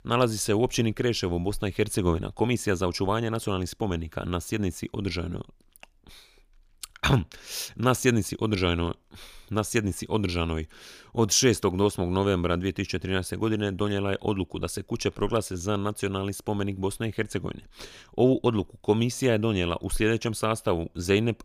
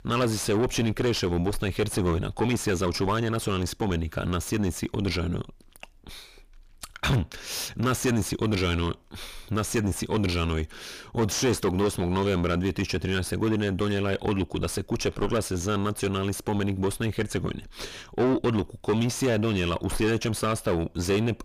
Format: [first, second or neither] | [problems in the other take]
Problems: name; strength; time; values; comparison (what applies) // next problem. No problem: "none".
first | distortion; heavy; 5 dB below the speech